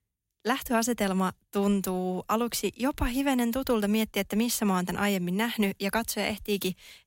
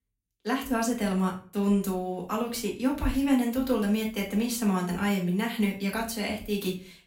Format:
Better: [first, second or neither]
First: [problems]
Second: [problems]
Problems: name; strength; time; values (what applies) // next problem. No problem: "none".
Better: first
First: none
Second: off-mic speech; far // room echo; slight; dies away in 0.3 s